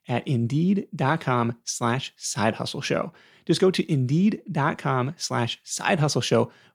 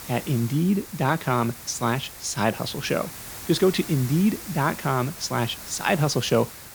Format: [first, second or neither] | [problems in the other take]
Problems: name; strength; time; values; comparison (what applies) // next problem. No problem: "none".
first | hiss; noticeable; throughout; 10 dB below the speech